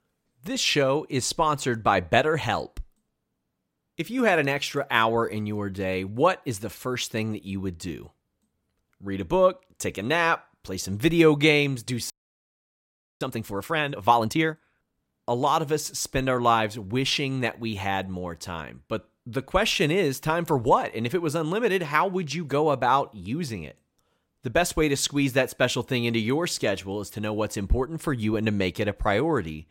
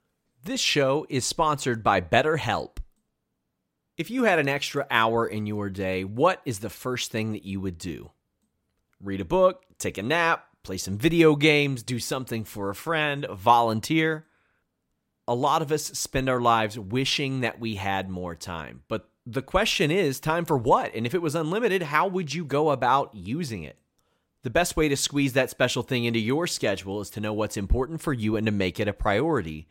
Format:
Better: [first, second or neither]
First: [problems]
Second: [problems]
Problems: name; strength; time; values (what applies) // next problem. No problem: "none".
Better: second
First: audio freezing; at 12 s for 1 s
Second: none